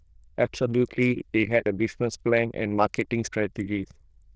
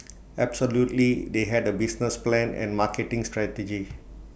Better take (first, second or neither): second